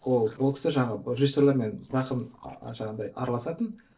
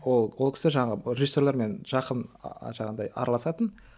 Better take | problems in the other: second | noise reduction (neural separator model SepFormer DNS4)

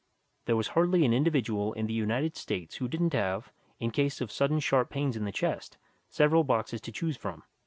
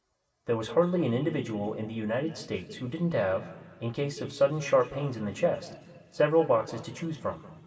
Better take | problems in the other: first | room echo; dies away in 1.8 s

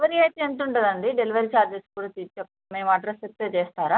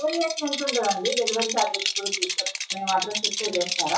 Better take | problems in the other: first | noise reduction (classical method WPE with log-MMSE)

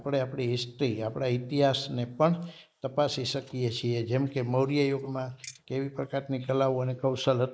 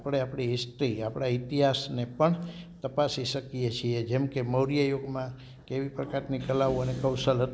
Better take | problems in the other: second | noise reduction (neural mask model Resemble Enhance denoiser)

